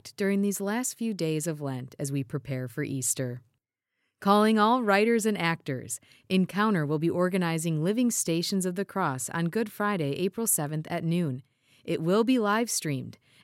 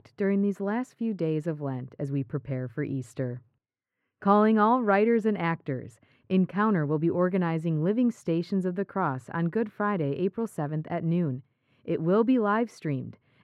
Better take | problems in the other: first | muffled; very; fading above 3.5 kHz

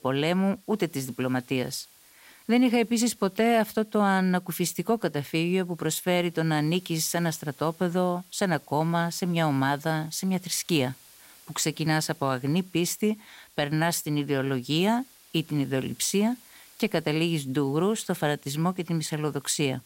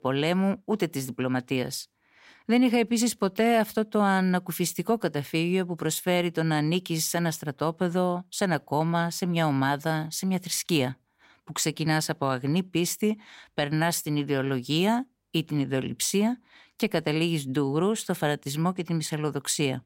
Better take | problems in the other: second | hiss; faint; throughout; 25 dB below the speech

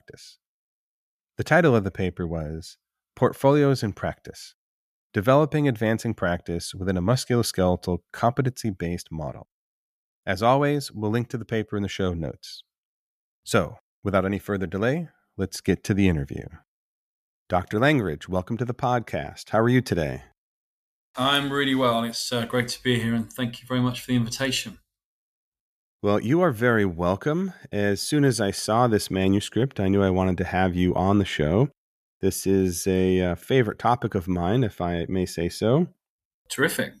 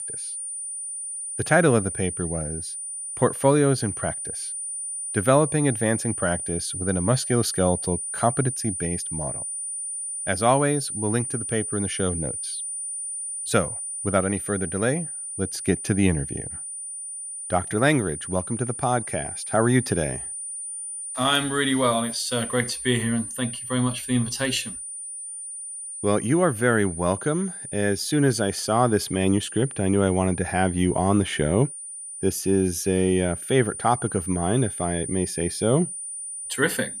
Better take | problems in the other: first | high-pitched whine; loud; throughout; 9.5 kHz, 6 dB below the speech

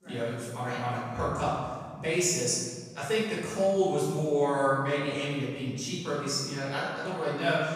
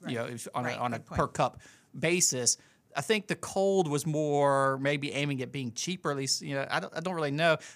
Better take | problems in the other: second | room echo; strong; dies away in 1.4 s // off-mic speech; far

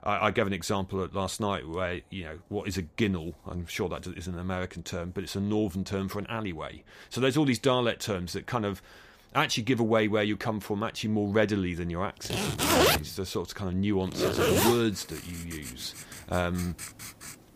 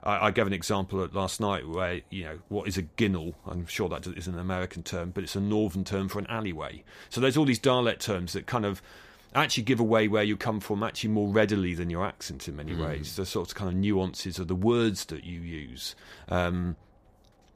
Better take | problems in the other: second | household noises; very loud; from 12 s on; 3 dB above the speech

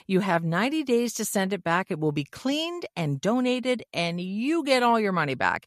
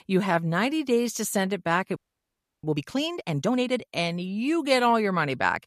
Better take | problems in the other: first | audio freezing; at 2 s for 0.5 s

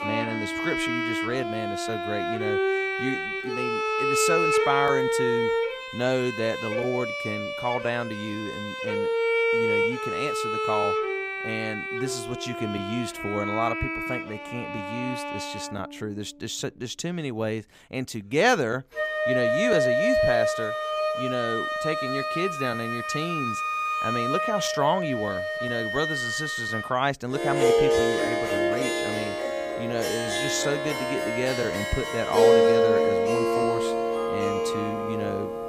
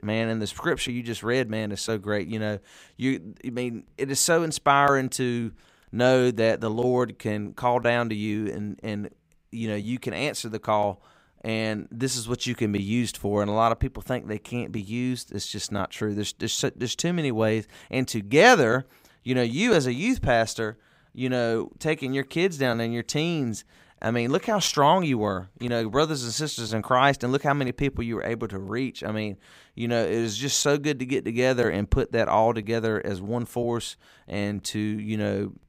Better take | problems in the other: second | background music; very loud; throughout; 4 dB above the speech

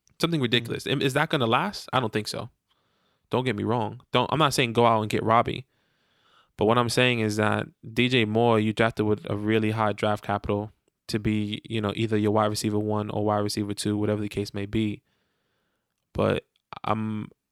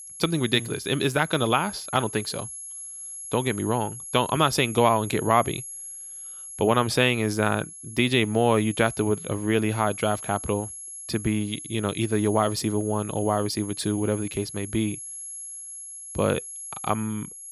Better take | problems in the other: first | high-pitched whine; noticeable; throughout; 11 kHz, 10 dB below the speech

